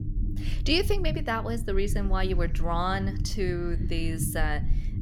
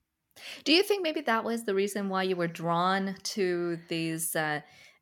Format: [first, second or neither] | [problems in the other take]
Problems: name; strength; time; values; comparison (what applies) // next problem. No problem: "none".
second | low rumble; noticeable; throughout; 15 dB below the speech